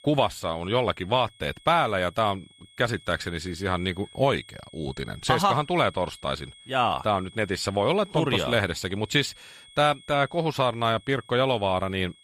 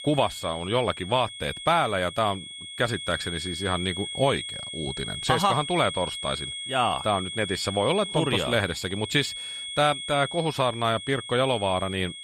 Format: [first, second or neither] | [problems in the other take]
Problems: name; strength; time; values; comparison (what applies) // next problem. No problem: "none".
first | high-pitched whine; loud; throughout; 3.5 kHz, 8 dB below the speech; faint in the first